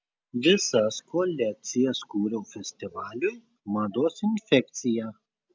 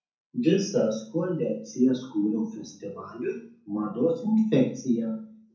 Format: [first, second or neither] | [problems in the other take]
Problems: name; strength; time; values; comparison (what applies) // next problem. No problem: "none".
first | room echo; dies away in 0.5 s